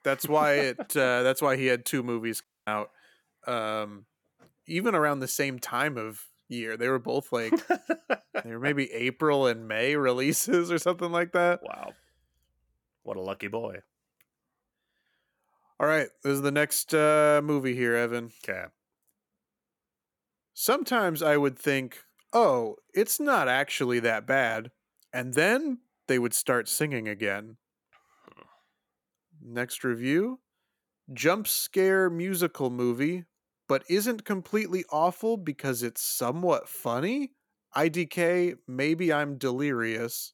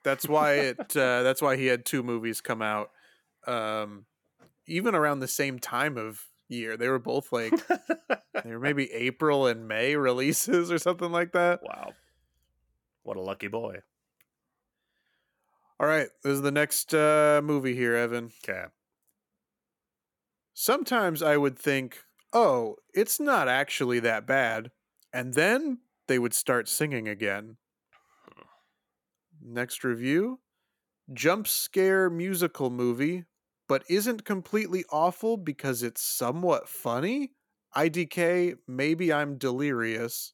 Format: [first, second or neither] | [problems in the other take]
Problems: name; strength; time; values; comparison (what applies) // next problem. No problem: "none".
second | audio cutting out; at 2.5 s